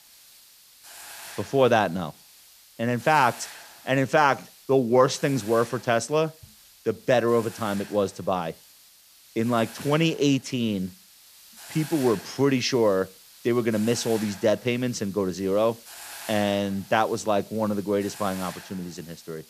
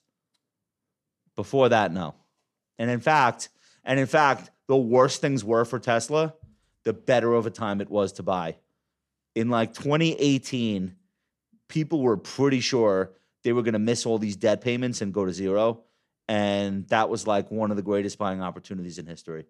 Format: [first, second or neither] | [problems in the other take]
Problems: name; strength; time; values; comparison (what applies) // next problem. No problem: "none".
second | hiss; noticeable; throughout; 20 dB below the speech